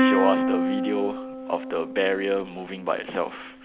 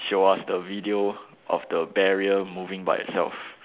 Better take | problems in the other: second | background sound (Plucked string instrument); as loud as the speech

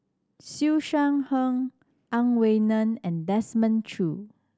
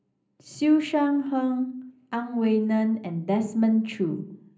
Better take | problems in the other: first | room echo; dies away in 0.5 s

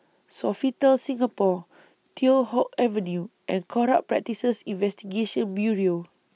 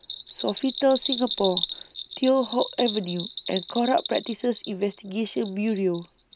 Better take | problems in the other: first | background sound (Bell); 8 dB below the speech

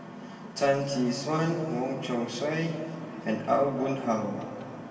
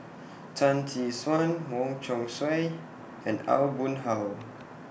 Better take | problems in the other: second | room echo; dies away in 2.7 s

